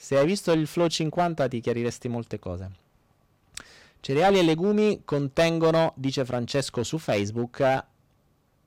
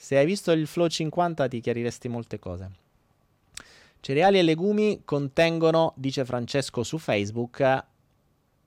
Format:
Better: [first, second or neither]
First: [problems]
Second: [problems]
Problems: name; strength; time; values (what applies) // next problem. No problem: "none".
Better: second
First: distortion; slight; 4% of the sound clipped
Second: none